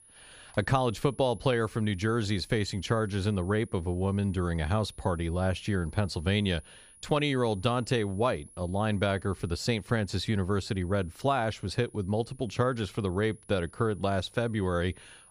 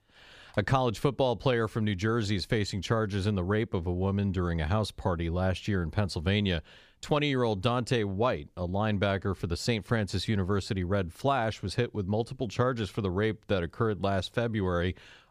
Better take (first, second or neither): second